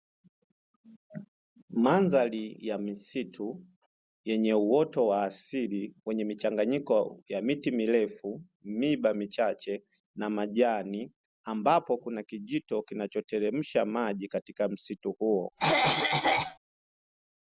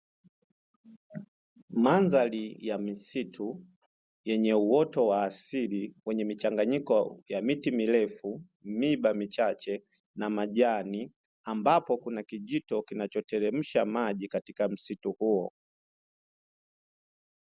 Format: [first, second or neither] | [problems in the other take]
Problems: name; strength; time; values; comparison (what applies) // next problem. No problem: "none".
second | background sound (Cough); 4 dB above the speech